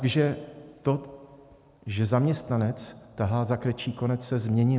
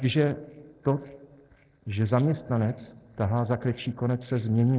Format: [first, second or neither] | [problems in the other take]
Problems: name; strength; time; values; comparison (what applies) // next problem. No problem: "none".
first | noise reduction (neural separator model SepFormer DNS4)